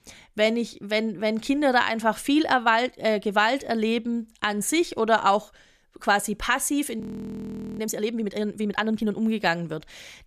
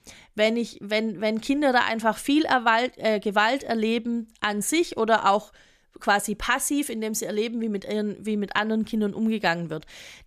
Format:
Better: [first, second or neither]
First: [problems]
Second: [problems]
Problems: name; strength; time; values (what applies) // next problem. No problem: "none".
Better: second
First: audio freezing; at 7 s for 1 s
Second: none